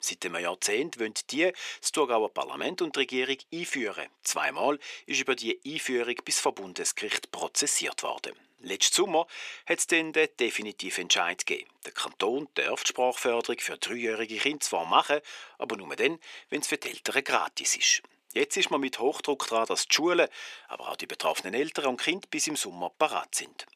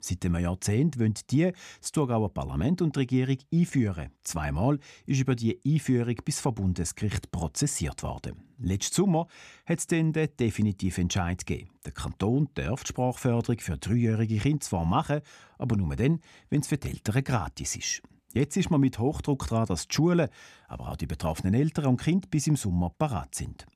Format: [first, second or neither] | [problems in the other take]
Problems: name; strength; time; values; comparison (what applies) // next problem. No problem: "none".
second | thin; very; fading below 400 Hz